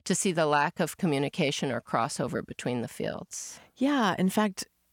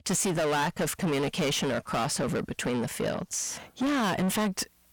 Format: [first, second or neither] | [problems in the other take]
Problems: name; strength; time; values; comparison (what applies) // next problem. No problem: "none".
first | distortion; heavy; 5 dB below the speech